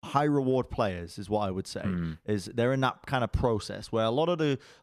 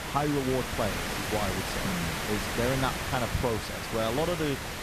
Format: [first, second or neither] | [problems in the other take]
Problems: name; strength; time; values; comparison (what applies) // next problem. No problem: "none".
first | hiss; loud; throughout; 1 dB below the speech